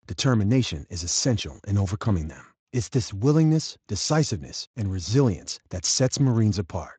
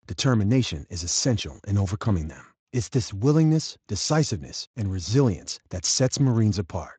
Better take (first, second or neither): neither